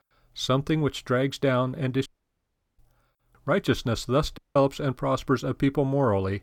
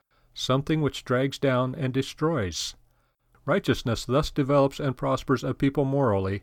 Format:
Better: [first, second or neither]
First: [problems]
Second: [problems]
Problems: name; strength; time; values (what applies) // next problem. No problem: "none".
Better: second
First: audio cutting out; at 2 s for 0.5 s and at 4.5 s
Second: none